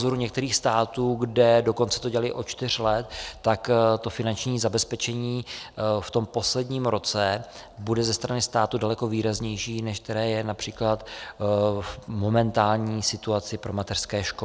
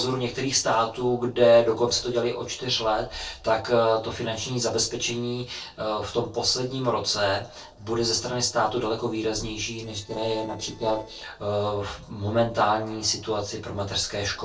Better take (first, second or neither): first